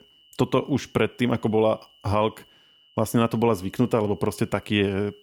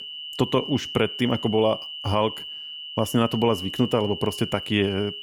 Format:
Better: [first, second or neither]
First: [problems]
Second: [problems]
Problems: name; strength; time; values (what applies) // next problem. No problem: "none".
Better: first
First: high-pitched whine; faint; throughout; 3 kHz, 30 dB below the speech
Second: high-pitched whine; loud; throughout; 3 kHz, 8 dB below the speech